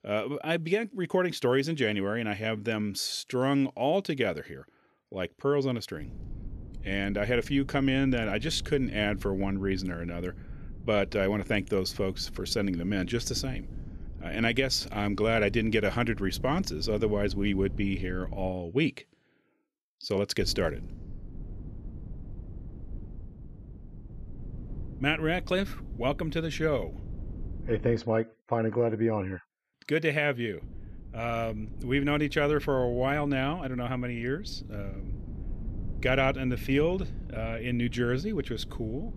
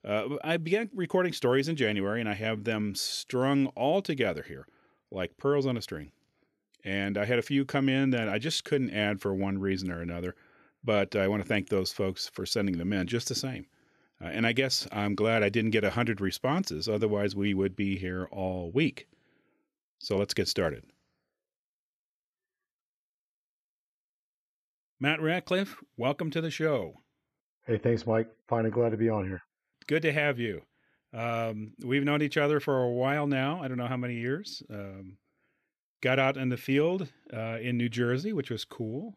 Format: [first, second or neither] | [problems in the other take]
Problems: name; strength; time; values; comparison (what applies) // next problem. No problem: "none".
second | low rumble; faint; from 6 to 18 s, from 20 to 28 s and from 31 s on; 25 dB below the speech